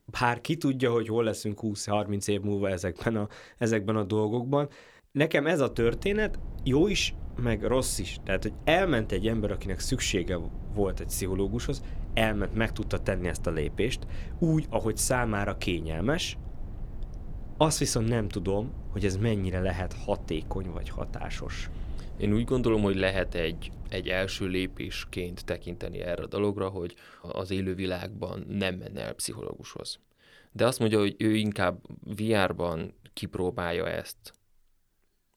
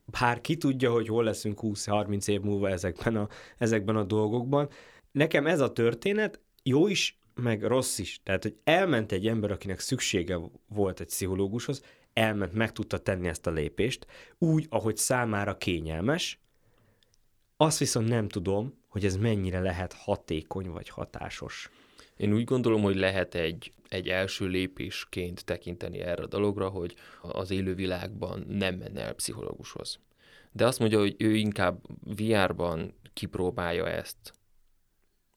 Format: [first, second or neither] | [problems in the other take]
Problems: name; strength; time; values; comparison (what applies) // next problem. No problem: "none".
second | low rumble; faint; from 5.5 to 26 s; 25 dB below the speech